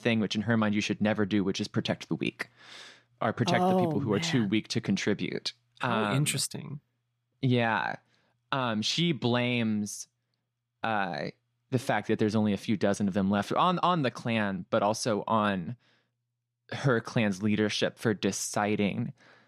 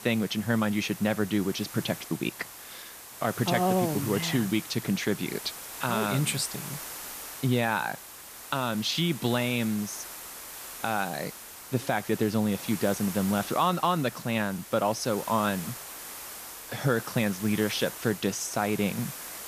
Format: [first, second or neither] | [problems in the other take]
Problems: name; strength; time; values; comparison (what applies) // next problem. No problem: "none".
first | hiss; noticeable; throughout; 10 dB below the speech